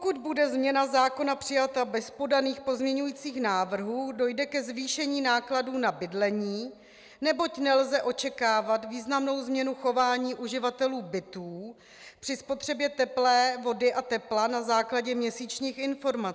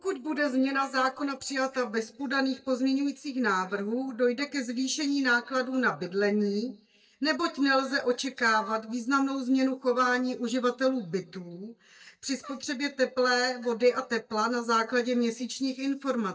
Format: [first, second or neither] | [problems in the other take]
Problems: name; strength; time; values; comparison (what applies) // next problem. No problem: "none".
first | noise reduction (neural mask model DeepFilterNet 3)